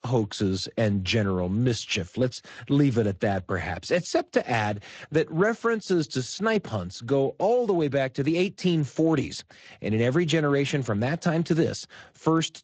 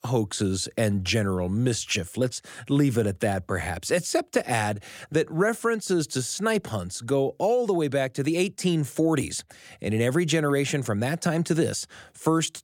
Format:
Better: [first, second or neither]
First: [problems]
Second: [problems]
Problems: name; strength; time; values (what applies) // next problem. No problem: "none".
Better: second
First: garbled, watery; slightly; nothing above 7.5 kHz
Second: none